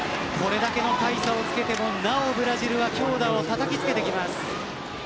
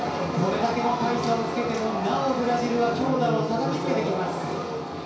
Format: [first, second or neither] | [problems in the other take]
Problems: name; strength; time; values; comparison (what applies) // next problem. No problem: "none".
first | background sound (Wild animals); 14 dB below the speech // room echo; dies away in 0.6 s